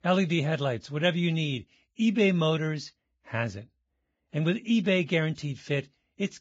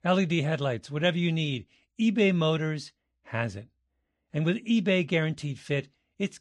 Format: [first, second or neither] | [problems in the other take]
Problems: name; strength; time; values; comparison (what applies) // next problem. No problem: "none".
second | garbled, watery; badly; nothing above 7.5 kHz; slightly in the second